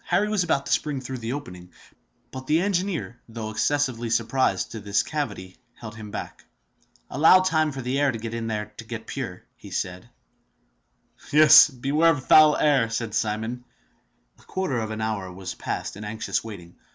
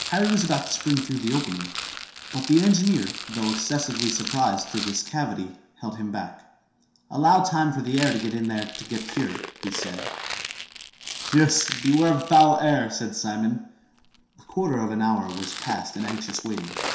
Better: first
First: none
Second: background sound (Rattle); 11 dB below the speech // room echo; dies away in 0.7 s

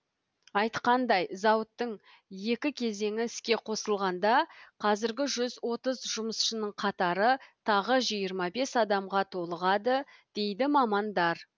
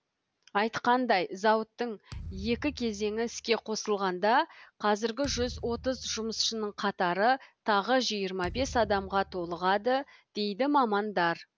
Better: first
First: none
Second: background sound (Thump, thud); 18 dB below the speech

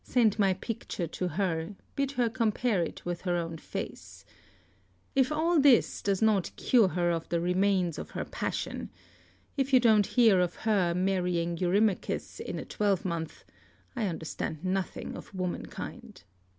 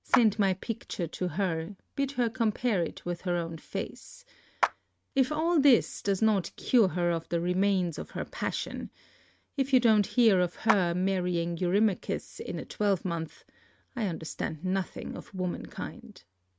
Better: first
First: none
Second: noise reduction (neural mask model RNNoise)

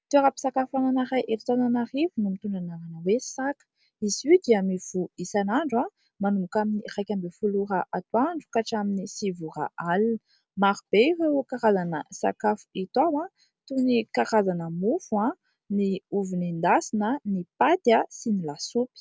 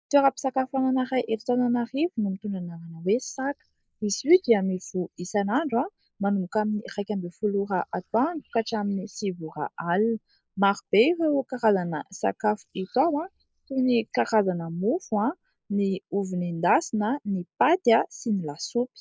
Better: first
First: none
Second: noise reduction (neural mask model Resemble Enhance denoiser)

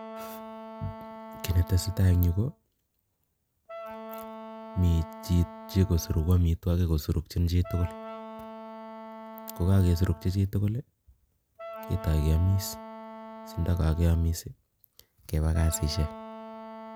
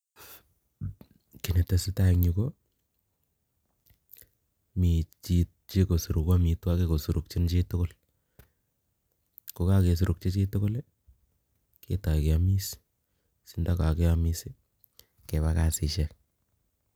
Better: second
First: background sound (Wind instrument, woodwind instrument); 15 dB below the speech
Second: none

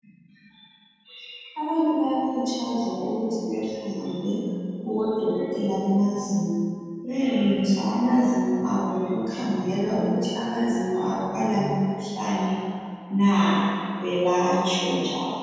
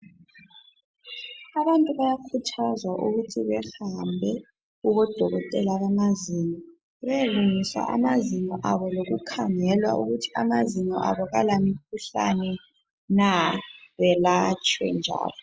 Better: second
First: room echo; dies away in 2.1 s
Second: none

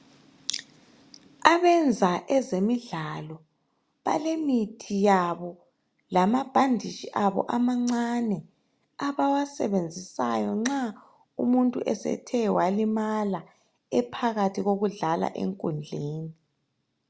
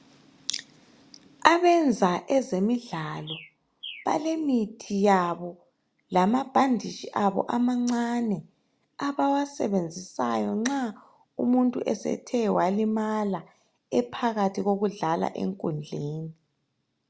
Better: first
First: none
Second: background sound (Bird); 19 dB below the speech

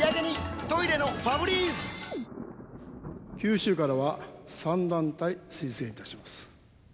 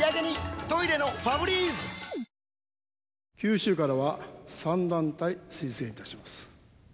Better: second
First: background sound (Thunder); 13 dB below the speech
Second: none

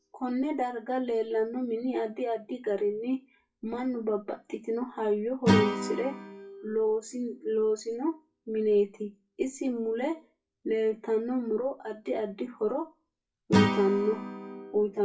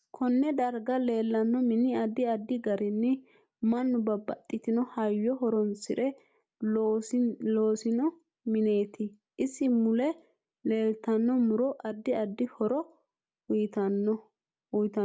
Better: second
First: noise reduction (classical method WPE with log-MMSE)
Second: none

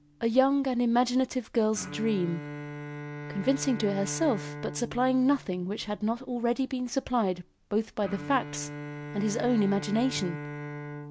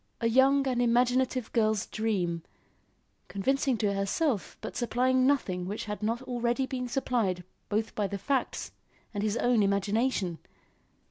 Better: second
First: background sound (Bowed string instrument); 12 dB below the speech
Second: none

